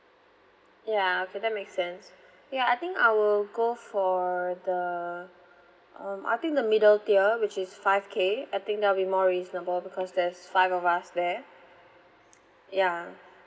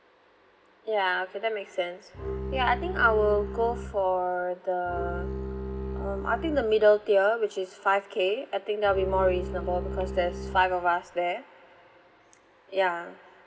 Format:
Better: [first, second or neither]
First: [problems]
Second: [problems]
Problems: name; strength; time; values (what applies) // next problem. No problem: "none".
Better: first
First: none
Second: background sound (Bowed string instrument); 7 dB below the speech